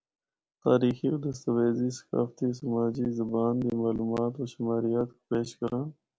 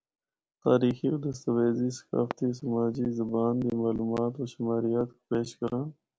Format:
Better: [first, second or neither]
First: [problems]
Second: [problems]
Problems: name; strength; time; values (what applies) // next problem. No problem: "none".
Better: first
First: none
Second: background sound (Fireworks); 20 dB below the speech